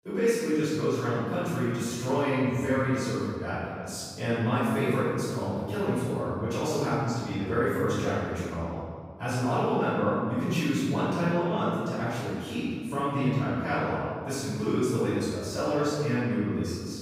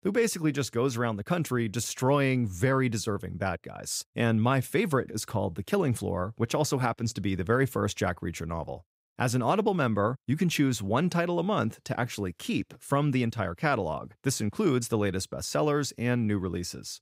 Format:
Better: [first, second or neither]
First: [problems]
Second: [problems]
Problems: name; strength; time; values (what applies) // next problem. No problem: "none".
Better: second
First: off-mic speech; far // room echo; strong; dies away in 1.7 s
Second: none